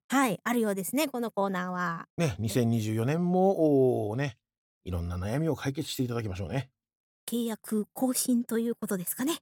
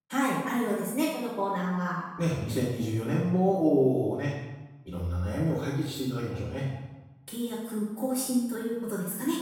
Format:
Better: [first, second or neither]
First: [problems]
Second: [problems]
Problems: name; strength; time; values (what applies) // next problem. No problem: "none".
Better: first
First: none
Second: room echo; strong; dies away in 0.9 s // off-mic speech; far